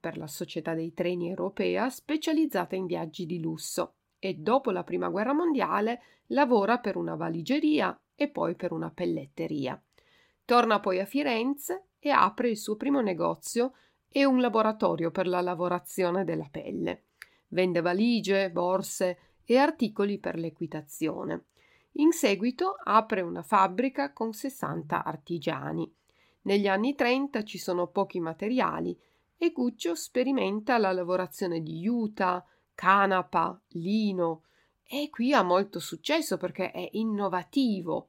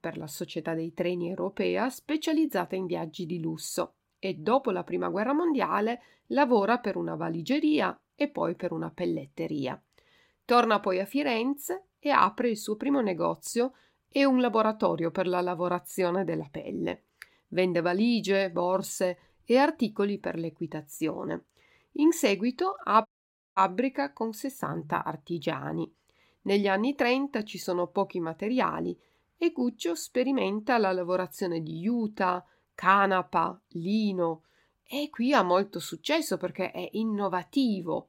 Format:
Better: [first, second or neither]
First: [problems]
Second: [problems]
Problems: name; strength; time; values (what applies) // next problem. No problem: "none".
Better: first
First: none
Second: audio cutting out; at 23 s for 0.5 s